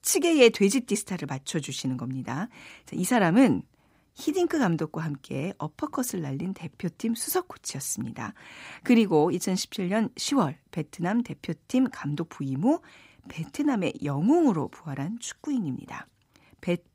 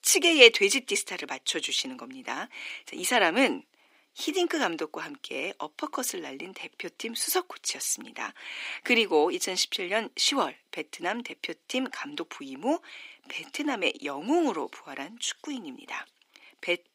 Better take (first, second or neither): first